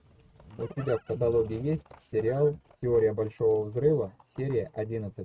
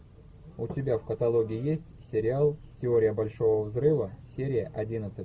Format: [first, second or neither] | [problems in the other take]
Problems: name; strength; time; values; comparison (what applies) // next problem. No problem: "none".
second | noise reduction (neural mask model RNNoise)